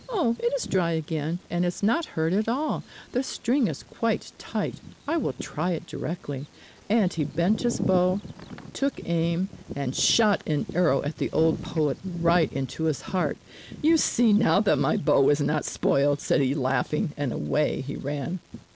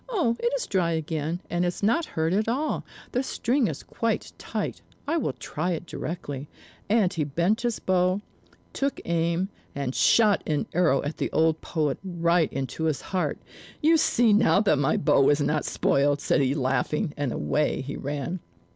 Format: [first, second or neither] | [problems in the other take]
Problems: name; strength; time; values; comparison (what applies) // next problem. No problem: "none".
second | background sound (Bird vocalization, bird call, bird song); 14 dB below the speech